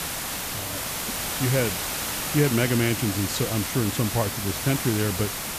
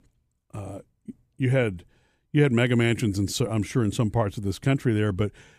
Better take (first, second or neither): second